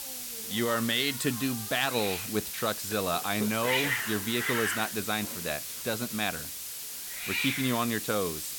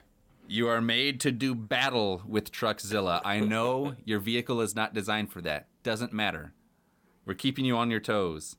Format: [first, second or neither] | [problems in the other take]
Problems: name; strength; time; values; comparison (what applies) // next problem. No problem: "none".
second | hiss; loud; throughout; 2 dB below the speech